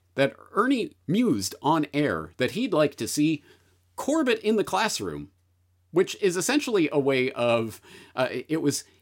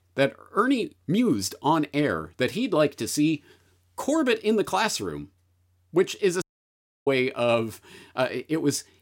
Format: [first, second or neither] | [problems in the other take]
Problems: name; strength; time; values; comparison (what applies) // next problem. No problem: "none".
first | audio cutting out; at 6.5 s for 0.5 s